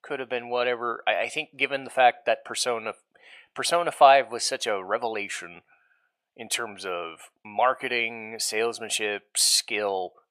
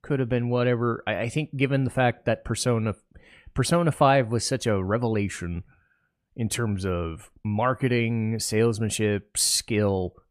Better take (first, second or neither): second